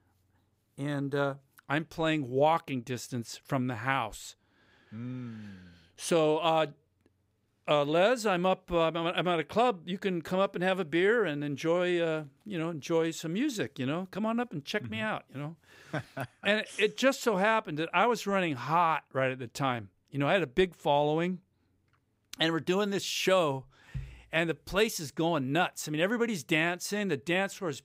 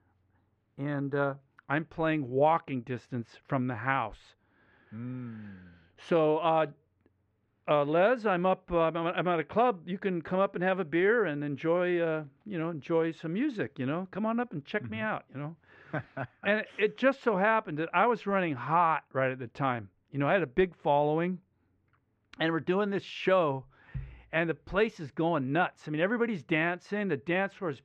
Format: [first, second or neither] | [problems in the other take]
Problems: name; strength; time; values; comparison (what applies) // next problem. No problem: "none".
first | muffled; very; fading above 2 kHz